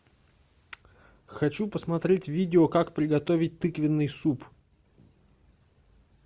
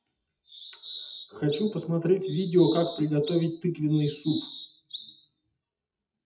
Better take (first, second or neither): first